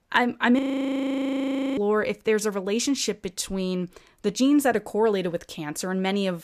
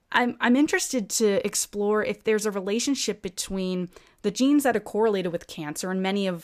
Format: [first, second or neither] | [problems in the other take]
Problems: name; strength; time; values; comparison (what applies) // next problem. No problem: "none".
second | audio freezing; at 0.5 s for 1 s